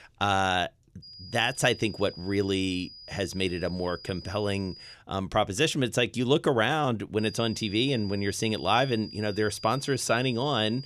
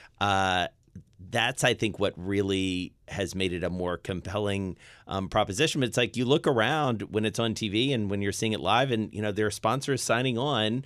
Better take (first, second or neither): second